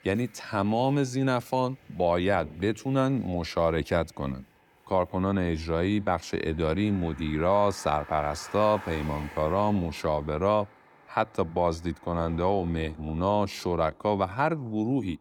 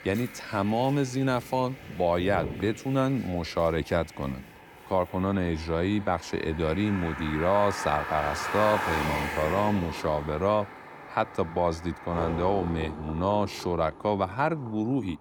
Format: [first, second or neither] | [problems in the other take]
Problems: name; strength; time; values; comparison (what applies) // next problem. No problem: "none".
first | traffic noise; loud; throughout; 8 dB below the speech; faint in the first